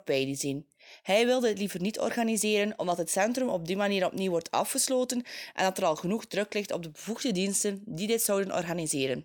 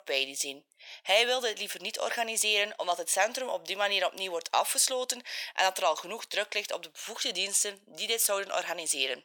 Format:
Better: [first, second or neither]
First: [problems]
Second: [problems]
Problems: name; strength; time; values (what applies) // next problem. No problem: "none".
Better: first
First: none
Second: thin; very; fading below 800 Hz